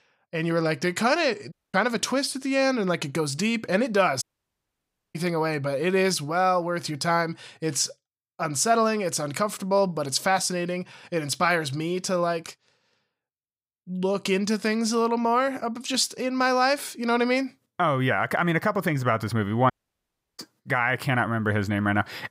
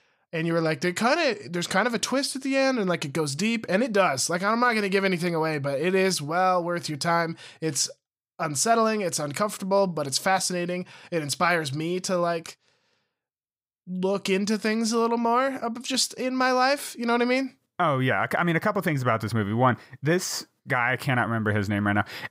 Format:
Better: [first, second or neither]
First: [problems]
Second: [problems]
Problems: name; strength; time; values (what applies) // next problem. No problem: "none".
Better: second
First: audio cutting out; at 1.5 s, at 4 s for 1 s and at 20 s for 0.5 s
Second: none